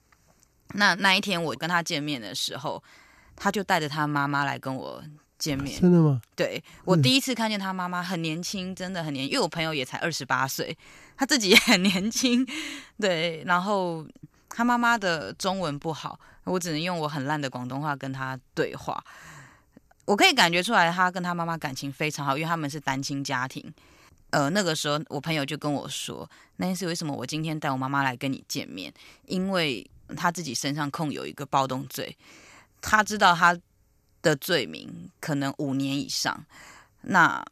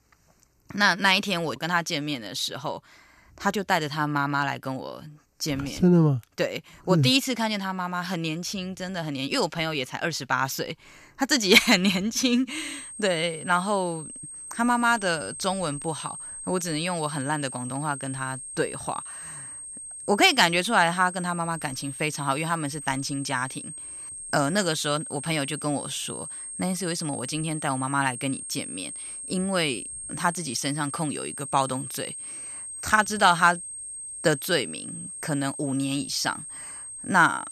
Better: first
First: none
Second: high-pitched whine; loud; from 13 s on; 8.5 kHz, 10 dB below the speech

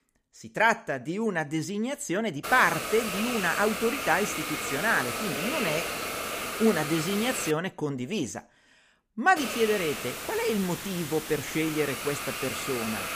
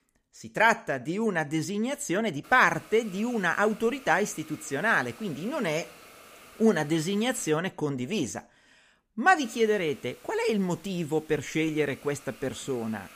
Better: second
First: hiss; loud; from 2.5 to 7.5 s and from 9.5 s on; 4 dB below the speech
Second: hiss; faint; from 2.5 to 7.5 s and from 9.5 s on; 20 dB below the speech

